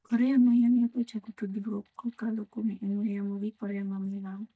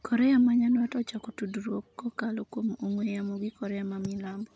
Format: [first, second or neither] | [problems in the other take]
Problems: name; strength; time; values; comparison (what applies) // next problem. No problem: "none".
second | noise reduction (neural mask model DeepFilterNet 3)